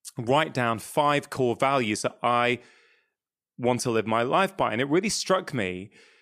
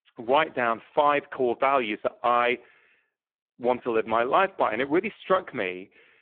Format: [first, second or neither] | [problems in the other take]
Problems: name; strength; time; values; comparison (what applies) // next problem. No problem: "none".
first | phone-call audio; poor line